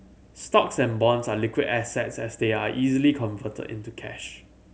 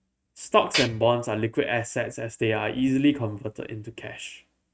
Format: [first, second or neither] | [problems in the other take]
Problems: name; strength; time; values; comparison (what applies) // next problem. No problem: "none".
first | noise reduction (neural mask model RNNoise)